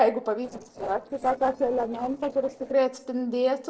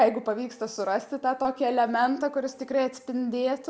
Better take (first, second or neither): second